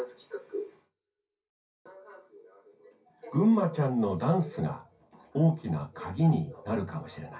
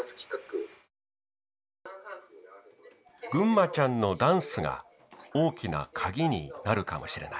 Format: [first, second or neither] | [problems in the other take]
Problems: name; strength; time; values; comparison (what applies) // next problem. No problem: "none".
second | room echo; dies away in 0.3 s